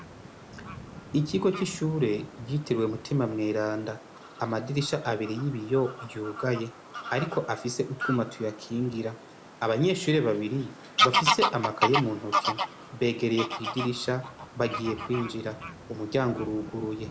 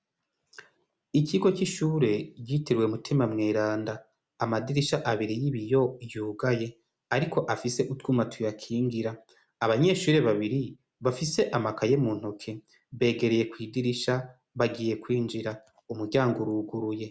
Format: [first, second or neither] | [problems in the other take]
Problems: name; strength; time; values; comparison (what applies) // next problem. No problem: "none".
second | background sound (Bird vocalization, bird call, bird song / Fowl); 5 dB below the speech